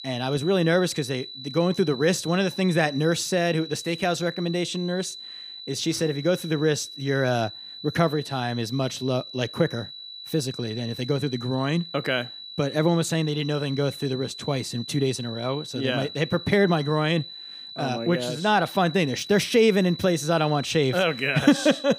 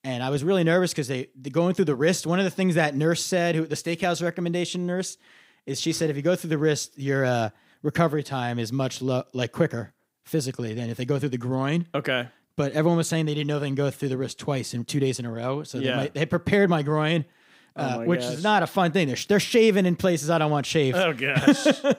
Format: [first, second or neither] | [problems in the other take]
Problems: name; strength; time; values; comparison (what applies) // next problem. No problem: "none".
second | high-pitched whine; noticeable; throughout; 4 kHz, 10 dB below the speech